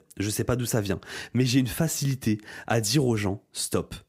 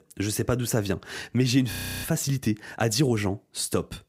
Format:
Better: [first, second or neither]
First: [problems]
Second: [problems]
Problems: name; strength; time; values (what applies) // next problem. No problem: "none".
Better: first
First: none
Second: audio freezing; at 1.5 s